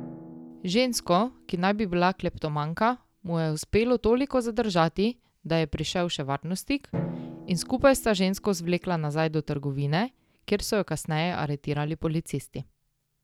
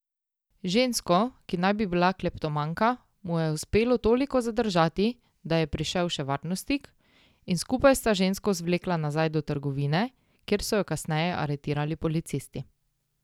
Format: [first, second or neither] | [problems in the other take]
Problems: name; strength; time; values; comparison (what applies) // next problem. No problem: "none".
second | background sound (Drum); 18 dB below the speech